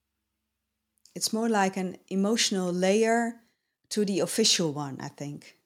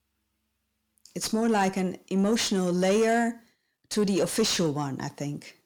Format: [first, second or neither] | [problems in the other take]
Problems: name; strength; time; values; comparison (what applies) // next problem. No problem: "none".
first | distortion; slight; 10 dB below the speech